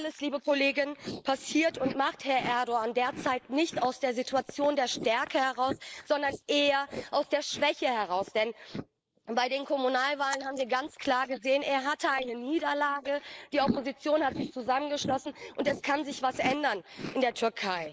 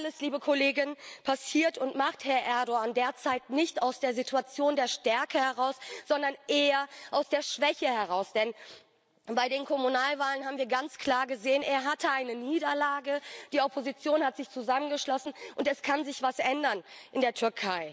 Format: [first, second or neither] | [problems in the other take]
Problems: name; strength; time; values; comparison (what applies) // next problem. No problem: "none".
second | noise reduction (neural mask model Resemble Enhance denoiser)